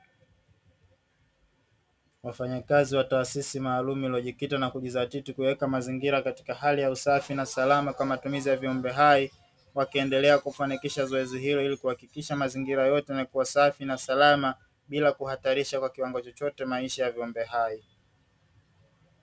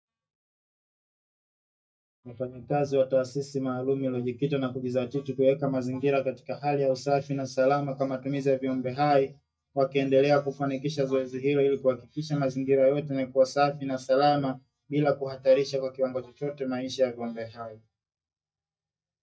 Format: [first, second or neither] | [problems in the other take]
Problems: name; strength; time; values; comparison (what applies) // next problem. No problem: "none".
first | noise reduction (neural mask model DeepFilterNet 3)